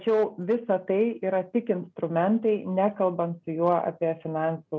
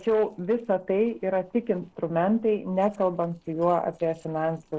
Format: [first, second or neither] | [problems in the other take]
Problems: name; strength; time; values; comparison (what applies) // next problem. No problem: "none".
first | noise reduction (neural separator model SepFormer DNS4)